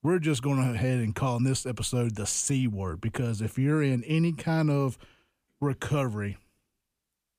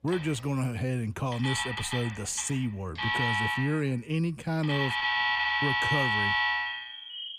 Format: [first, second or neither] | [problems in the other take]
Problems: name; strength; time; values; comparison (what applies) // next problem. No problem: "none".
first | alarms or sirens; very loud; throughout; 3 dB above the speech